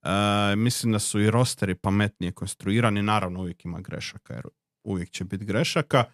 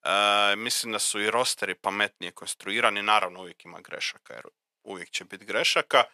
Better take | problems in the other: first | thin; very; fading below 650 Hz

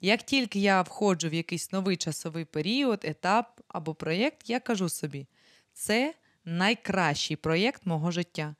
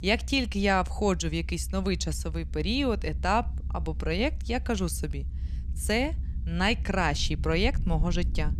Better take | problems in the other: first | low rumble; faint; throughout; 25 dB below the speech

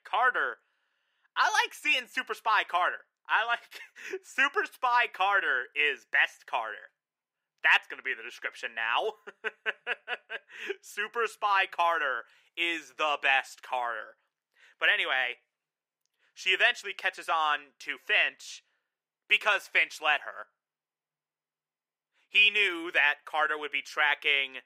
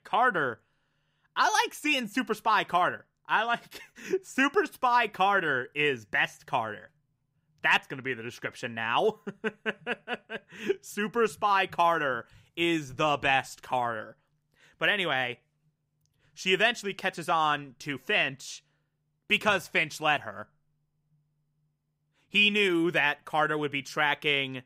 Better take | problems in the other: second | thin; very; fading below 450 Hz

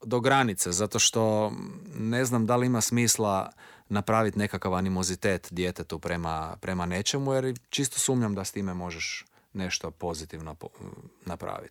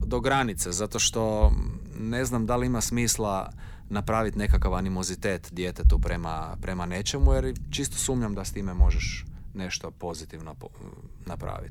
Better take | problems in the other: first | low rumble; faint; throughout; 20 dB below the speech

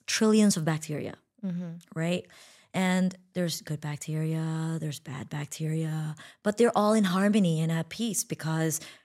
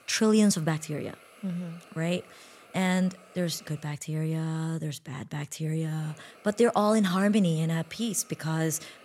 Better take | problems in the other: first | hiss; faint; until 4 s and from 6 s on; 25 dB below the speech

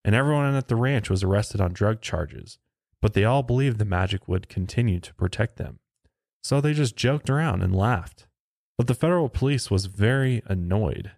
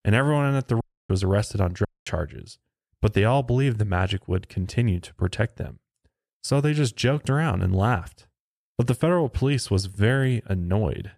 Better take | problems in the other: first | audio cutting out; at 1 s and at 2 s

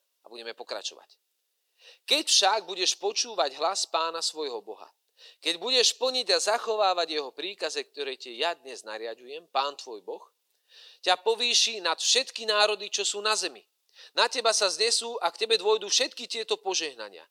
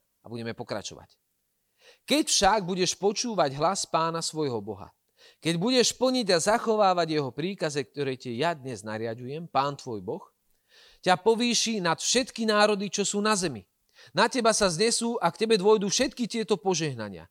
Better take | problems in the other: second | thin; very; fading below 400 Hz

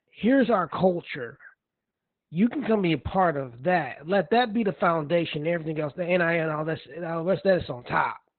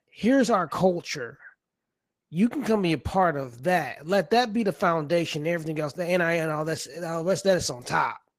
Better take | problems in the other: second | garbled, watery; badly; nothing above 4 kHz; slightly in the second

